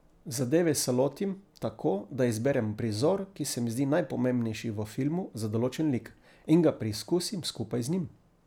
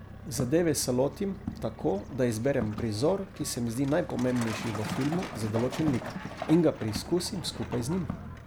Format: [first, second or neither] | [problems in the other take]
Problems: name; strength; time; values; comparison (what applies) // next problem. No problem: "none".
first | background sound (Walk, footsteps + Truck); 10 dB below the speech